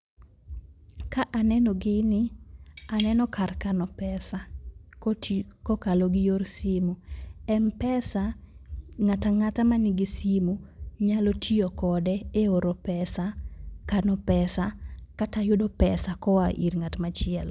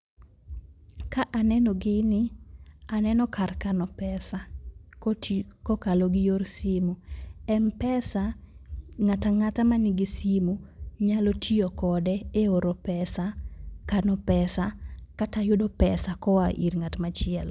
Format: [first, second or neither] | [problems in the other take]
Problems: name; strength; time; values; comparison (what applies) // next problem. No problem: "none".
second | background sound (Cutlery, silverware / Tap); 16 dB below the speech